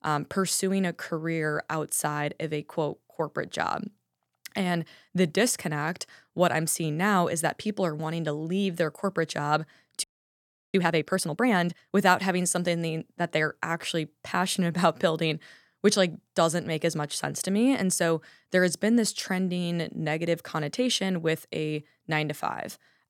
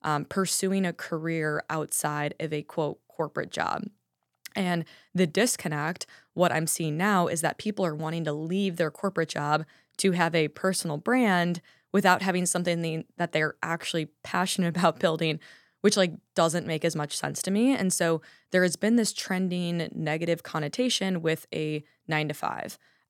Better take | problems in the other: second | audio freezing; at 10 s for 0.5 s

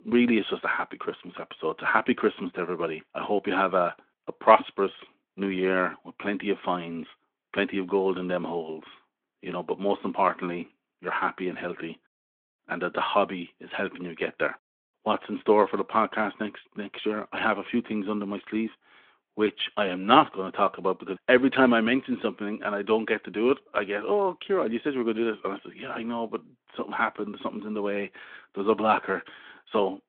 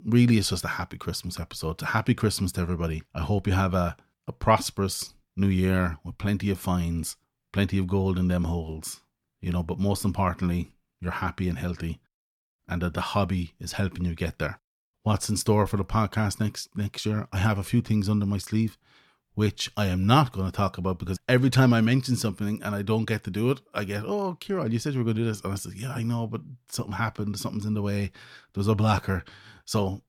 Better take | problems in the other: second | phone-call audio

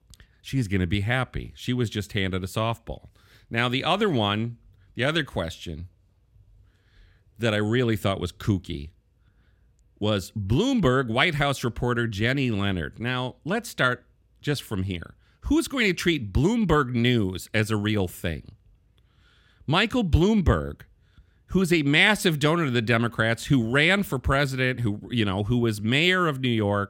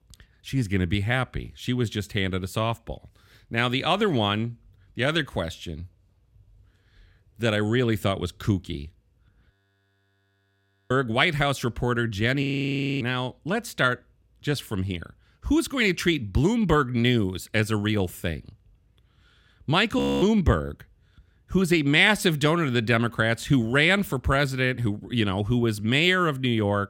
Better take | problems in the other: first | audio freezing; at 9.5 s for 1.5 s, at 12 s for 0.5 s and at 20 s

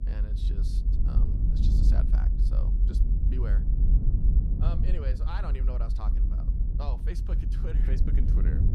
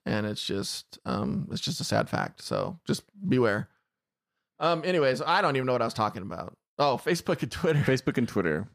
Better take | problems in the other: second | low rumble; loud; throughout; as loud as the speech

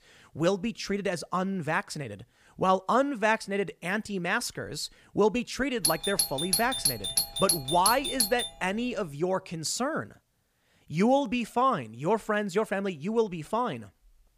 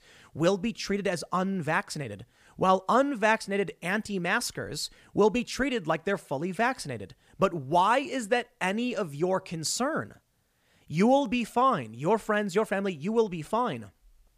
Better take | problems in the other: second | doorbell; loud; from 6 to 8.5 s; peak 4 dB above the speech

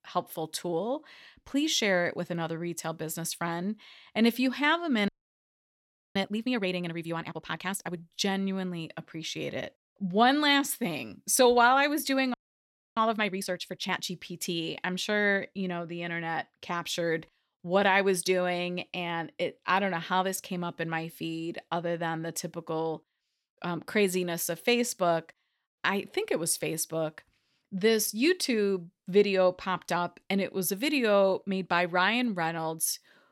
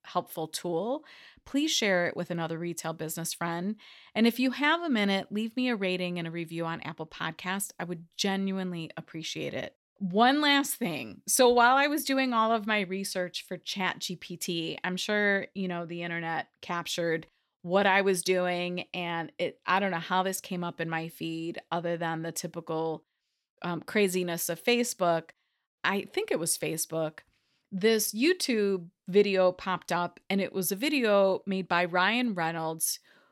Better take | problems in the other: second | audio freezing; at 5 s for 1 s and at 12 s for 0.5 s

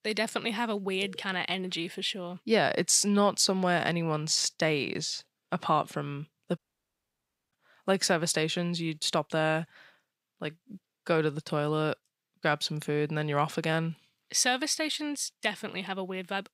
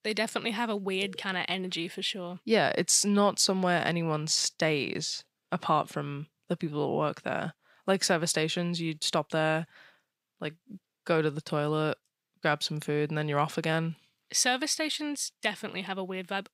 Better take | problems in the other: second | audio cutting out; at 6.5 s for 1 s

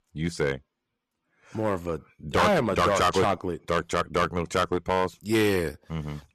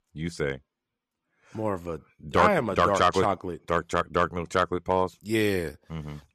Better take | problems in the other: second | distortion; heavy; 6% of the sound clipped

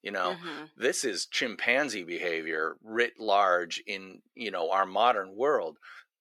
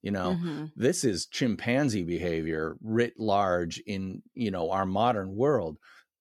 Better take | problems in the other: second | thin; very; fading below 500 Hz

